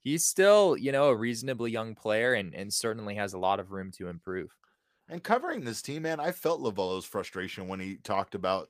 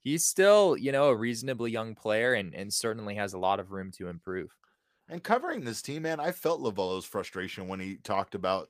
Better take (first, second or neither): neither